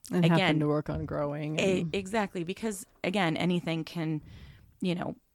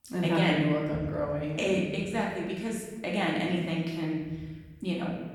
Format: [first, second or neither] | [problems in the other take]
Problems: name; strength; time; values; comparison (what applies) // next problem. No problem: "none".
first | room echo; noticeable; dies away in 1.1 s // off-mic speech; far